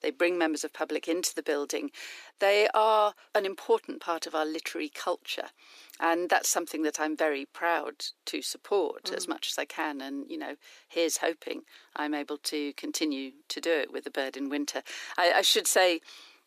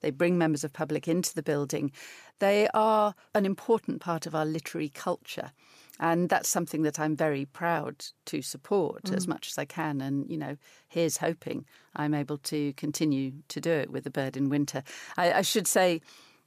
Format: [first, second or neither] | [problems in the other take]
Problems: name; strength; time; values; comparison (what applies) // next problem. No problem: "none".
second | thin; somewhat; fading below 300 Hz